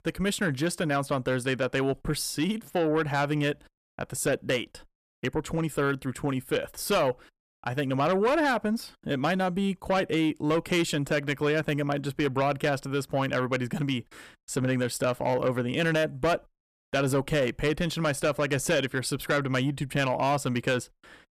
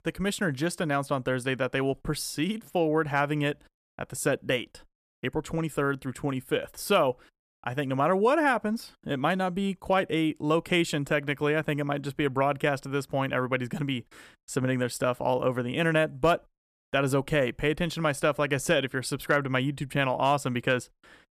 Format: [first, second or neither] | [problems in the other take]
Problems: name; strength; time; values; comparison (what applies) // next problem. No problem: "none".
second | distortion; slight; 10 dB below the speech